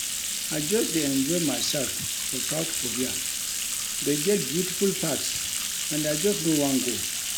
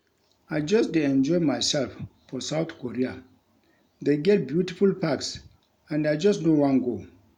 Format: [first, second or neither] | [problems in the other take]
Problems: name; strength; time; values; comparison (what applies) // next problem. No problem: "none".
second | background sound (Bathtub (filling or washing)); 1 dB below the speech